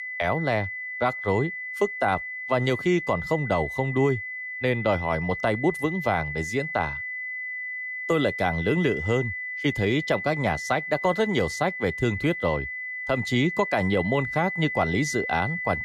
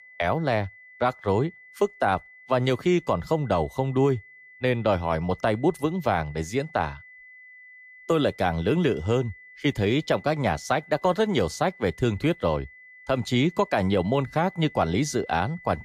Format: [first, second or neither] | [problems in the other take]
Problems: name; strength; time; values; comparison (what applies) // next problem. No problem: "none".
second | high-pitched whine; loud; throughout; 2 kHz, 5 dB below the speech; faint in the second